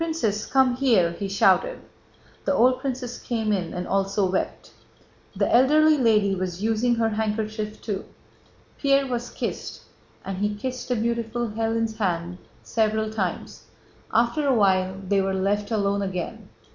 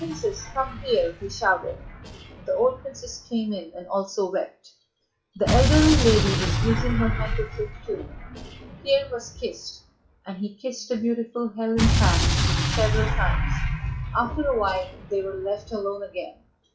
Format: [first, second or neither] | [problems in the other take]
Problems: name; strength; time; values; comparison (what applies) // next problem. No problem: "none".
first | noise reduction (classical method WPE with log-MMSE)